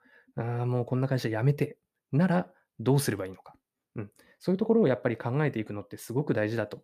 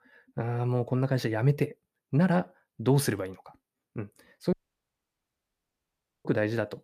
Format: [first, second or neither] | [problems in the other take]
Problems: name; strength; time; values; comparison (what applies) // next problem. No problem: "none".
first | audio cutting out; at 4.5 s for 1.5 s